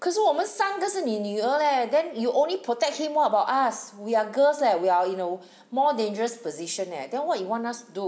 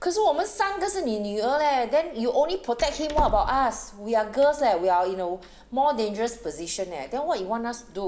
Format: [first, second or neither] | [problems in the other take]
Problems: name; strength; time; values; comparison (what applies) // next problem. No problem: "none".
first | background sound (Door); 15 dB below the speech